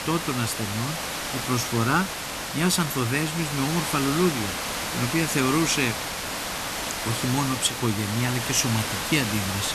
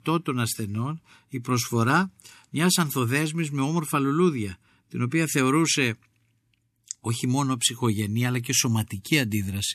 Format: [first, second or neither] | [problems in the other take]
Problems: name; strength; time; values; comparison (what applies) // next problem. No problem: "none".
second | hiss; loud; throughout; 3 dB below the speech